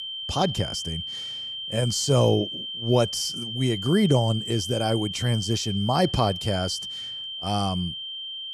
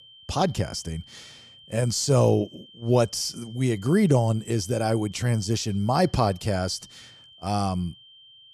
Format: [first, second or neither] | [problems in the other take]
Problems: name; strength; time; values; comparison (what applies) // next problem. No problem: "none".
second | high-pitched whine; loud; throughout; 3 kHz, 6 dB below the speech; faint in the second